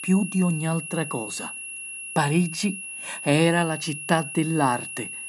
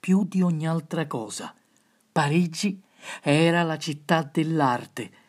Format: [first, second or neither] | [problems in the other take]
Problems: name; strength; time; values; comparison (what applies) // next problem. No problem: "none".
second | high-pitched whine; loud; throughout; 2.5 kHz, 9 dB below the speech